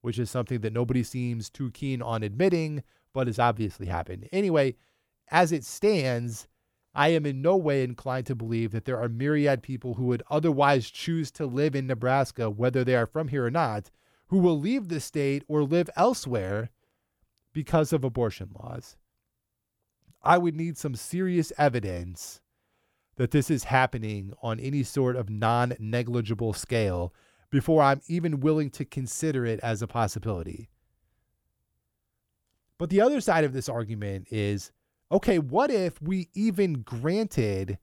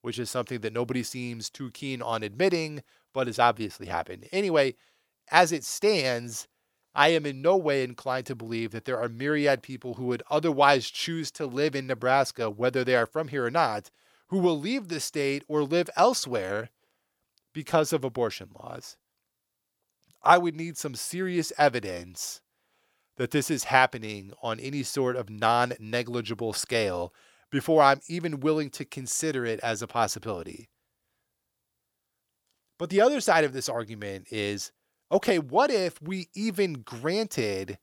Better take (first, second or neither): first